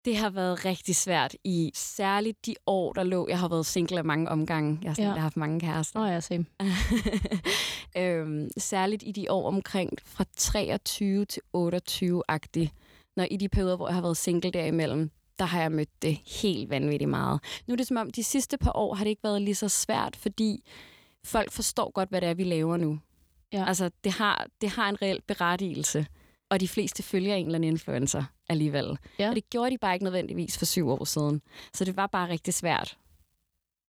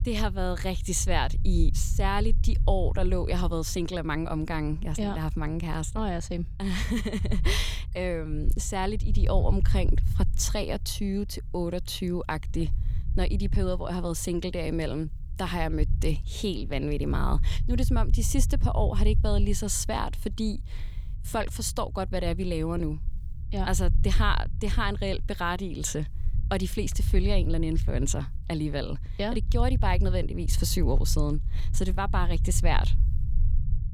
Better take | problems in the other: first | low rumble; noticeable; throughout; 15 dB below the speech

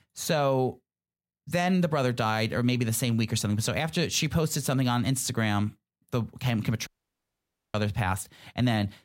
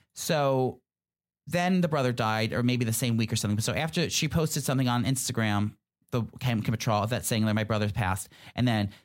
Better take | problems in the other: second | audio cutting out; at 7 s for 1 s

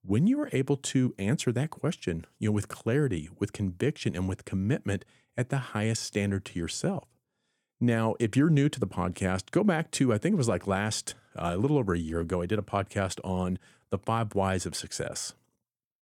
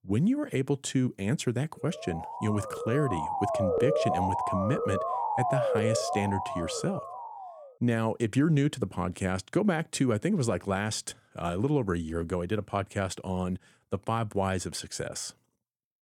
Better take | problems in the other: first | siren; loud; from 2 to 7.5 s; peak 4 dB above the speech

